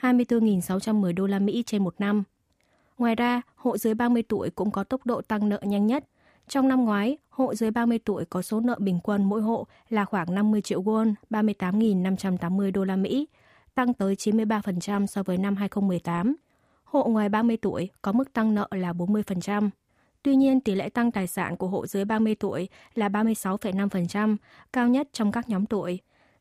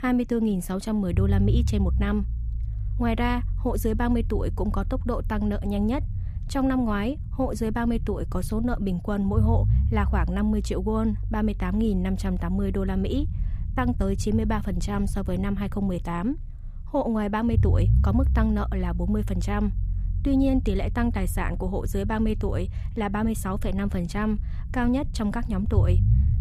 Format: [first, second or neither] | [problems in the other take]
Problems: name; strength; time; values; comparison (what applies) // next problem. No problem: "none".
first | low rumble; noticeable; throughout; 15 dB below the speech